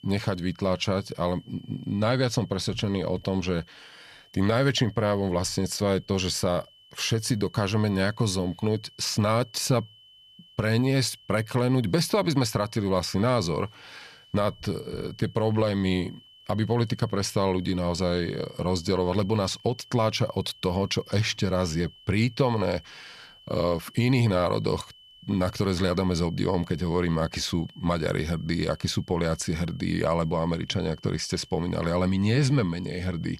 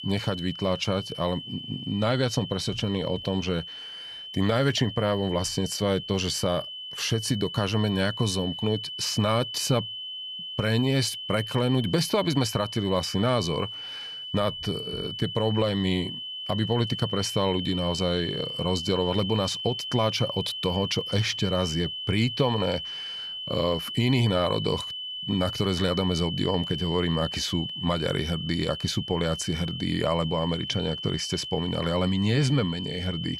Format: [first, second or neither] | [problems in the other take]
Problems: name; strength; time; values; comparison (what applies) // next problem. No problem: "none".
first | high-pitched whine; loud; throughout; 3 kHz, 6 dB below the speech; faint in the first